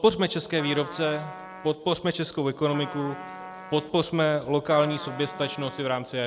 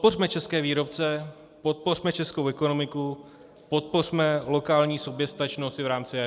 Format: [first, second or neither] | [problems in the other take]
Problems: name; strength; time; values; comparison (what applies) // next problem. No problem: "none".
second | background sound (Trumpet); 15 dB below the speech